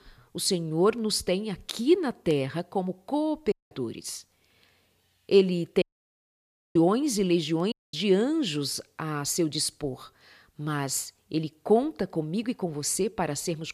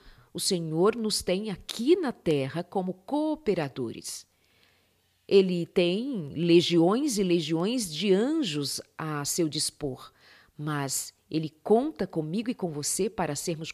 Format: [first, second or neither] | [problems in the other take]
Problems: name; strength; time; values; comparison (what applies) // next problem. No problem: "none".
second | audio cutting out; at 3.5 s, at 6 s for 1 s and at 7.5 s